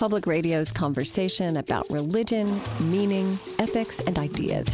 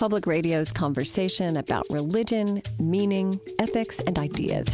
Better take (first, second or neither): second